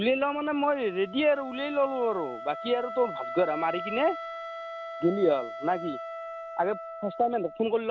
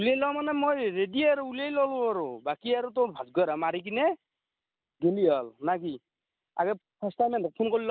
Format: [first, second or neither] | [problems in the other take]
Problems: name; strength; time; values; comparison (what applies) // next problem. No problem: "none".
second | background sound (Wind instrument, woodwind instrument); 10 dB below the speech